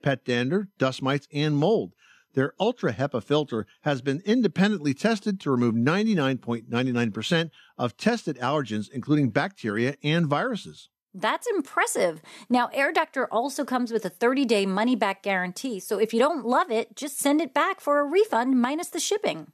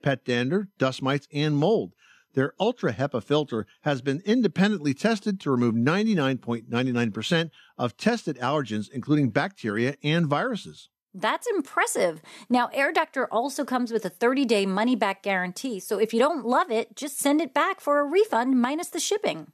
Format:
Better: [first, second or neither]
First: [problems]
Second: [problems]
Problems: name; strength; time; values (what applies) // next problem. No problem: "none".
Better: neither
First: none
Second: none